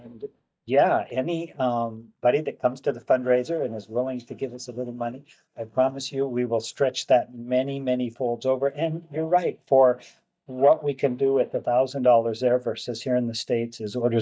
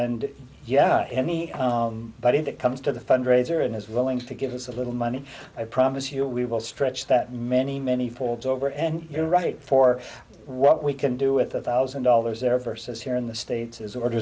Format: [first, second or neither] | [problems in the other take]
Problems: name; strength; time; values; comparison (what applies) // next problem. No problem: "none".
second | noise reduction (neural mask model DeepFilterNet 3)